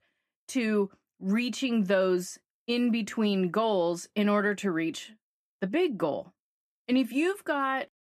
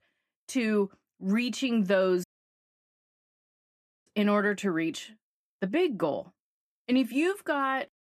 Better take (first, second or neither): first